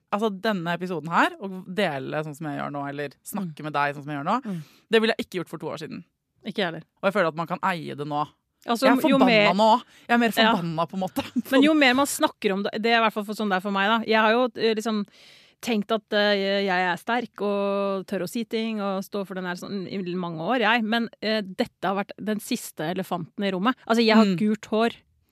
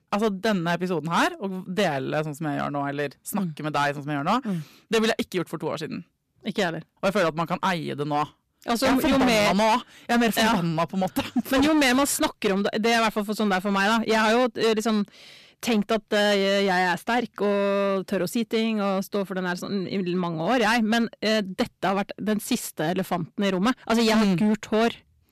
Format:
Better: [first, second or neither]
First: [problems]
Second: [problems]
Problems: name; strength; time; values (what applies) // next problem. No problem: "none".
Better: first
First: none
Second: distortion; heavy; 11% of the sound clipped